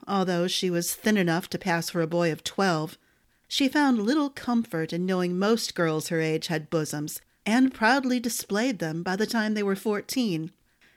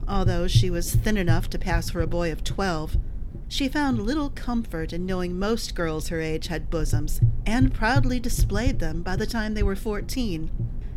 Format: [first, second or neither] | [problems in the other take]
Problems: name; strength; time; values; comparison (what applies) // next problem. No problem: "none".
first | low rumble; noticeable; throughout; 15 dB below the speech